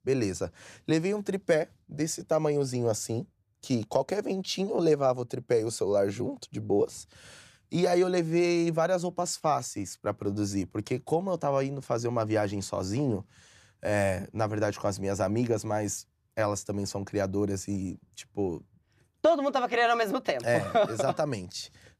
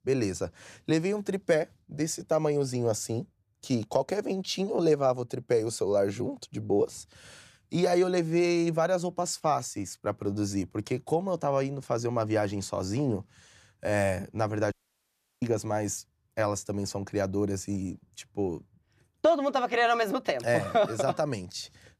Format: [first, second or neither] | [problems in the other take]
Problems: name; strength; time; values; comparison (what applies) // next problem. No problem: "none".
first | audio cutting out; at 15 s for 0.5 s